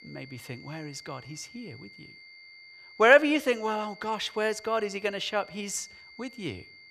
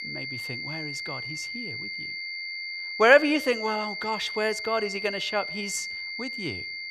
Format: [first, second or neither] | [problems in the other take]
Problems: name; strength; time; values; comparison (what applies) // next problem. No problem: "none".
first | high-pitched whine; loud; throughout; 2 kHz, 7 dB below the speech; faint in the first